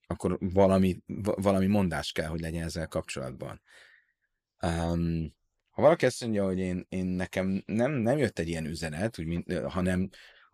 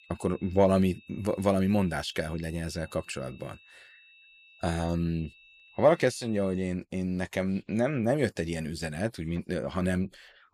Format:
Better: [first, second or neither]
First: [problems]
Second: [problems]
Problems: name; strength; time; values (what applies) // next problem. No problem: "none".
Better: first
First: none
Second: high-pitched whine; faint; until 6.5 s; 2.5 kHz, 25 dB below the speech